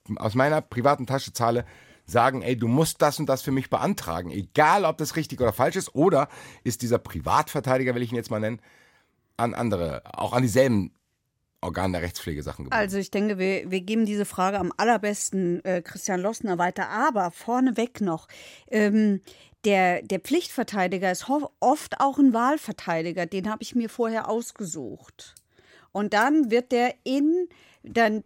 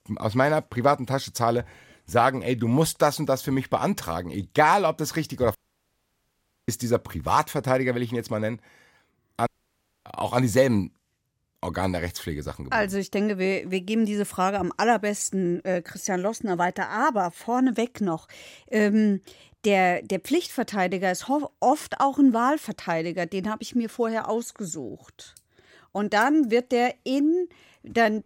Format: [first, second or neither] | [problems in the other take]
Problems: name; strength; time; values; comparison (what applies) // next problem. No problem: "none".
first | audio cutting out; at 5.5 s for 1 s and at 9.5 s for 0.5 s